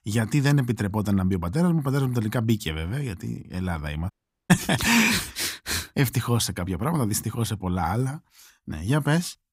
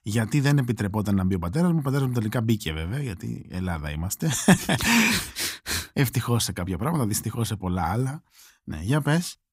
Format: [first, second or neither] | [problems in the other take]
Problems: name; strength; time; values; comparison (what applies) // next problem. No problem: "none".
second | audio cutting out; at 4 s